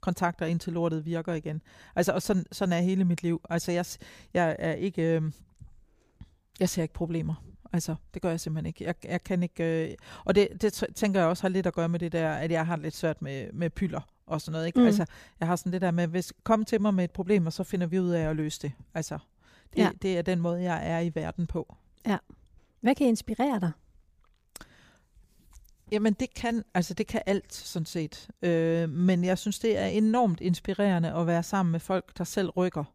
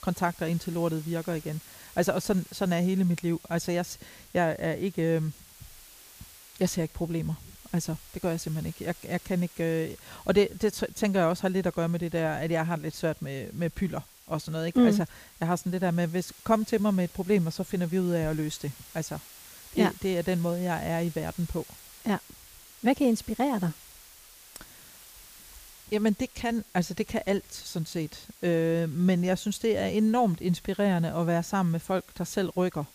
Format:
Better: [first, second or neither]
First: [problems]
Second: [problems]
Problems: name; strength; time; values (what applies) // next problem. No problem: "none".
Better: first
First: none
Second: hiss; faint; throughout; 20 dB below the speech